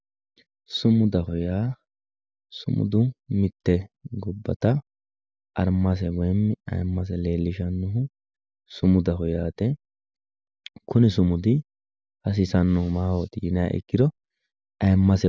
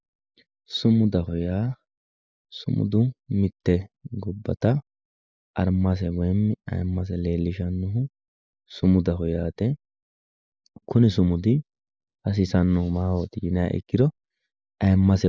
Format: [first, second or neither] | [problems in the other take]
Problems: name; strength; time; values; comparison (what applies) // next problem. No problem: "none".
first | noise reduction (neural mask model Resemble Enhance denoiser)